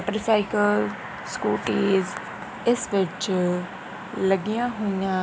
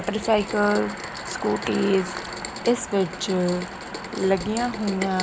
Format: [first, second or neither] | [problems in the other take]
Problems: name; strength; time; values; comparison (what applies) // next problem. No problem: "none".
first | background sound (Rain); 12 dB below the speech